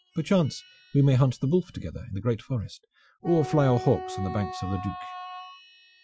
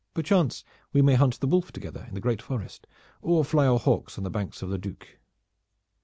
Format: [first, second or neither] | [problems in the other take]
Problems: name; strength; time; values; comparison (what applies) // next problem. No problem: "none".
second | noise reduction (classical method Wiener filter)